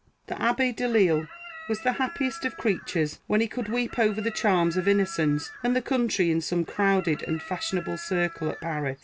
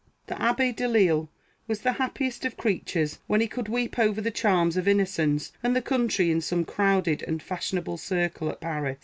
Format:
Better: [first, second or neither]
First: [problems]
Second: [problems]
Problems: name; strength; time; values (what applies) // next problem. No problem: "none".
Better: second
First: background sound (Chicken, rooster); 16 dB below the speech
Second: none